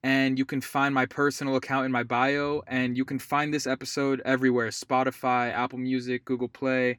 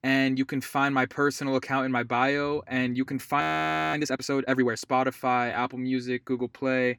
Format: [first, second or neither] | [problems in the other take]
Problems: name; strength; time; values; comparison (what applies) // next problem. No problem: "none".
first | audio freezing; at 3.5 s for 0.5 s